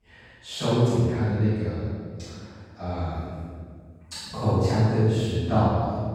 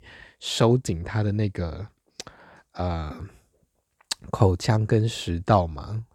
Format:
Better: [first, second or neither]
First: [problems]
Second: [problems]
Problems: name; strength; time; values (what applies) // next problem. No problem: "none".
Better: second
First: off-mic speech; far // room echo; strong; dies away in 1.7 s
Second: none